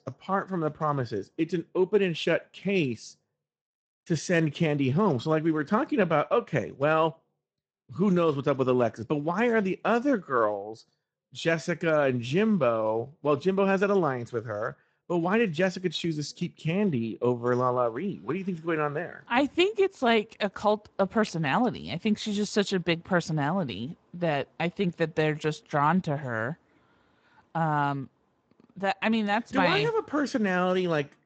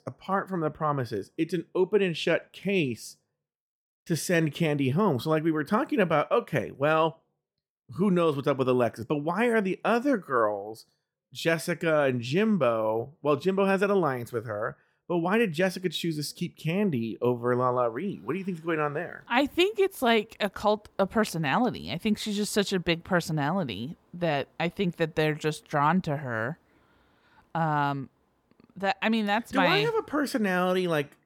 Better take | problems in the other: second | garbled, watery; slightly; nothing above 8 kHz

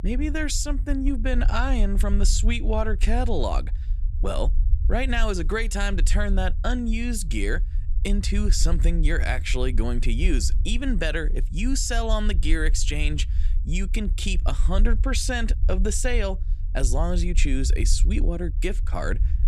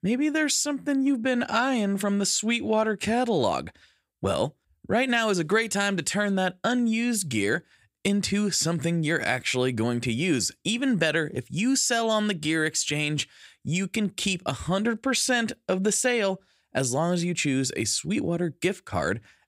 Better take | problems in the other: second | low rumble; noticeable; throughout; 20 dB below the speech

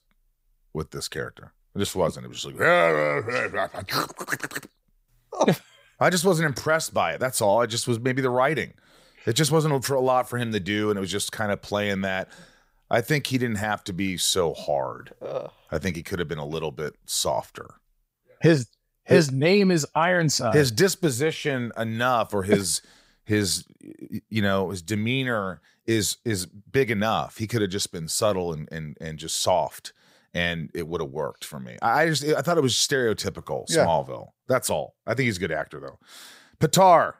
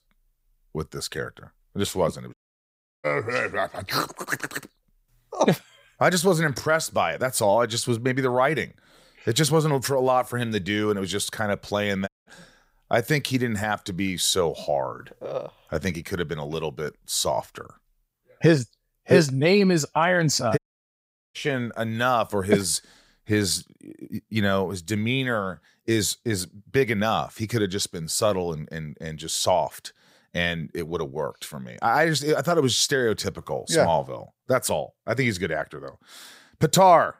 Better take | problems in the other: first | audio cutting out; at 2.5 s for 0.5 s, at 12 s and at 21 s for 1 s

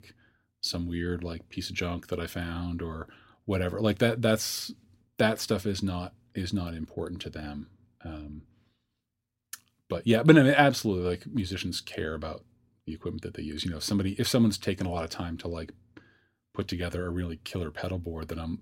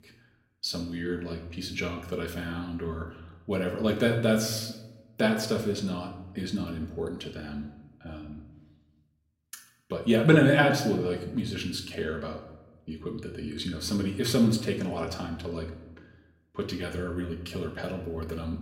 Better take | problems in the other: first | room echo; slight; dies away in 0.7 s // off-mic speech; somewhat distant

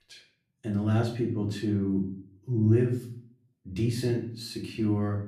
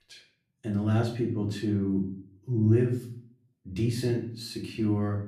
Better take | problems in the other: neither | room echo; slight; dies away in 0.4 s; the same in both // off-mic speech; far; the same in both

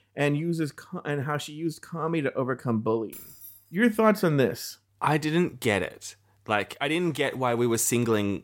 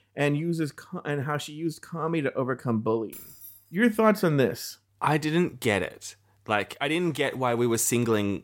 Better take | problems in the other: neither | jangling keys; faint; at 3 s; peak 15 dB below the speech; the same in both

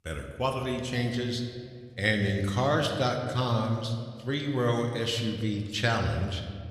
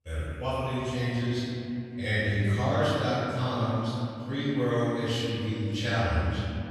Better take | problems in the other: first | room echo; strong; dies away in 3 s; slight in the first // off-mic speech; far

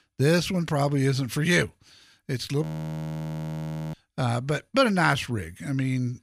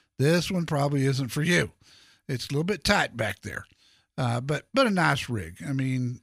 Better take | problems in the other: second | audio freezing; at 2.5 s for 1.5 s

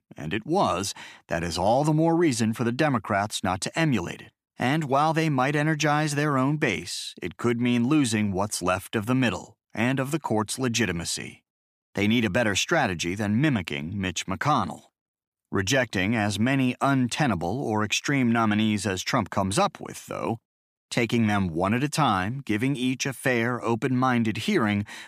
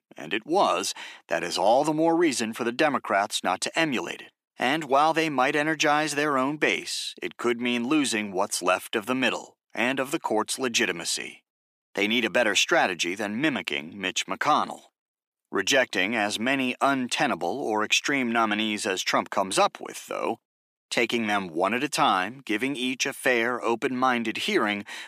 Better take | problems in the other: first | thin; somewhat; fading below 400 Hz

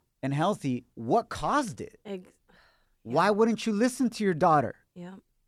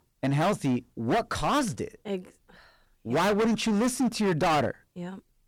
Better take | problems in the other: first | distortion; heavy; 15% of the sound clipped

